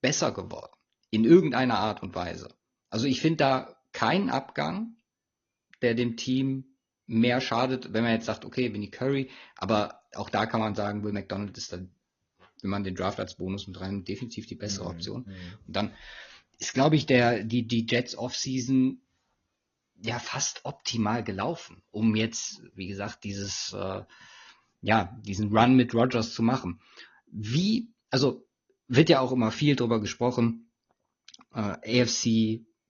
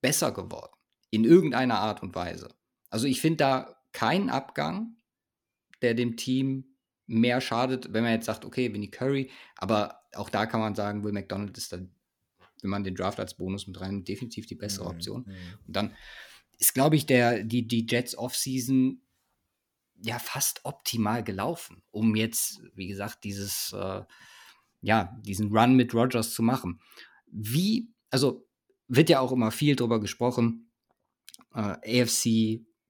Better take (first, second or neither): second